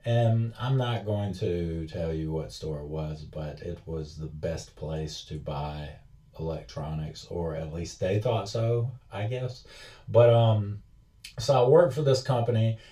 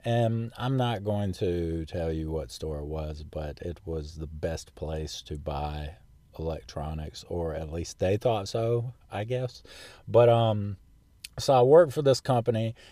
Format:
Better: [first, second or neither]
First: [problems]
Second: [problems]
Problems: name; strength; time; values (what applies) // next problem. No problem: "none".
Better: second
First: room echo; very slight; dies away in 0.2 s // off-mic speech; far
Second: none